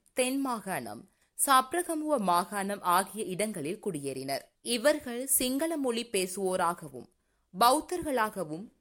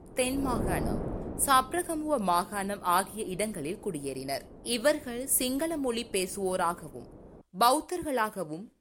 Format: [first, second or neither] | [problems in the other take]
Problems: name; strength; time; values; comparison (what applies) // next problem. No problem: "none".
first | wind noise on the microphone; occasional gusts; until 7.5 s; 15 dB below the speech